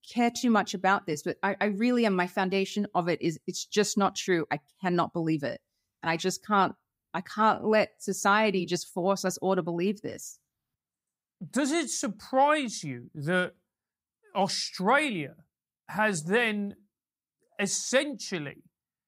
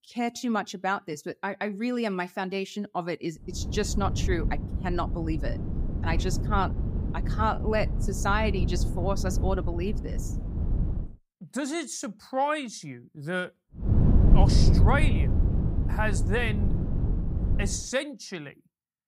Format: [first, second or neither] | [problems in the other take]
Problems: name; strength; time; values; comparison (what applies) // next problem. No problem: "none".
first | wind noise on the microphone; heavy; from 3.5 to 11 s and from 14 to 18 s; 9 dB below the speech